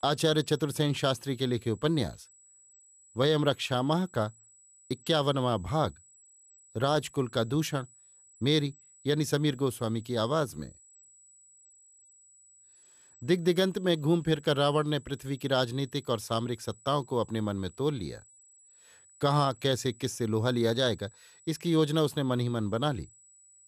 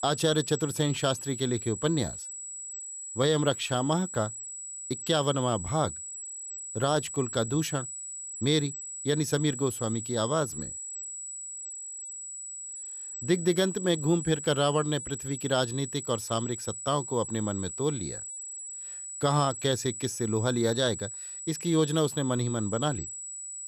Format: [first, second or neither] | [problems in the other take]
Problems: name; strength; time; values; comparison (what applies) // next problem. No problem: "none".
first | high-pitched whine; loud; throughout; 8 kHz, 8 dB below the speech; faint in the first